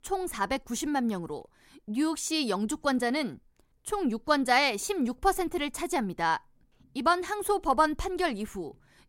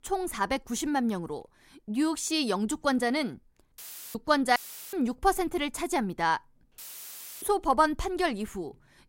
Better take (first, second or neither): first